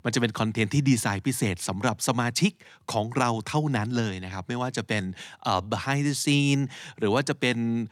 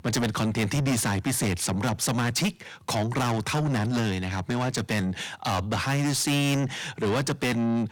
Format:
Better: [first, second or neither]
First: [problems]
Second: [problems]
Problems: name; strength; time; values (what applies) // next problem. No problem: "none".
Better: first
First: none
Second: distortion; heavy; 6 dB below the speech